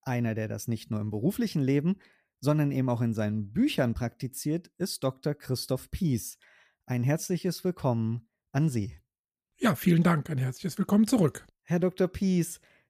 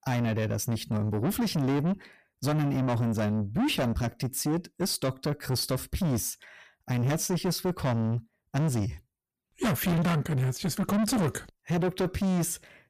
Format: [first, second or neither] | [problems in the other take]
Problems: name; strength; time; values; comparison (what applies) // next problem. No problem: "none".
first | distortion; heavy; 6 dB below the speech